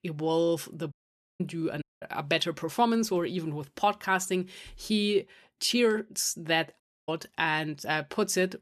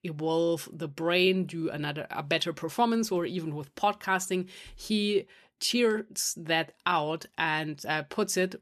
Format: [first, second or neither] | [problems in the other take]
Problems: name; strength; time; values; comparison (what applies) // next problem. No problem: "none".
second | audio cutting out; at 1 s, at 2 s and at 7 s